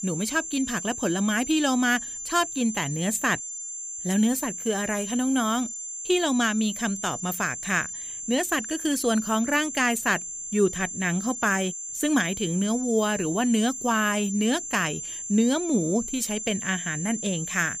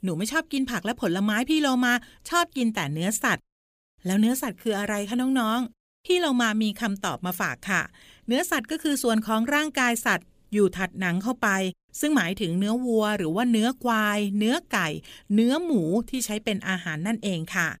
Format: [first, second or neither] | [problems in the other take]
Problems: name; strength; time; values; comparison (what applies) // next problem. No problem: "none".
second | high-pitched whine; loud; throughout; 7 kHz, 7 dB below the speech